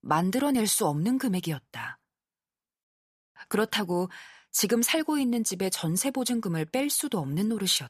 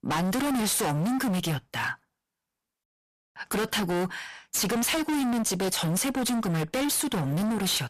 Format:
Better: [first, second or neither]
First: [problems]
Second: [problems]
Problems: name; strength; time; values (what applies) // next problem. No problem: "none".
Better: first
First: none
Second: distortion; heavy; 38% of the sound clipped